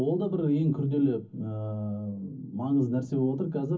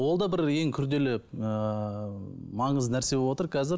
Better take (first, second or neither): second